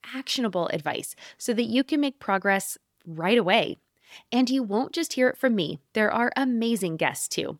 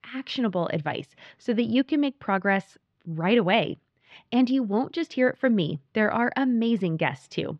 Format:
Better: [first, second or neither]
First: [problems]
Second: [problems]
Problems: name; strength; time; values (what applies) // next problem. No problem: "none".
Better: first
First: none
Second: muffled; slightly; fading above 3.5 kHz